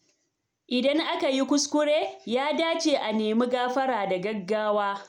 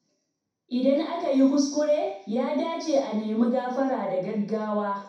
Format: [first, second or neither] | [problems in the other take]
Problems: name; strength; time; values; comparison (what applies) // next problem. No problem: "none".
first | room echo; dies away in 0.6 s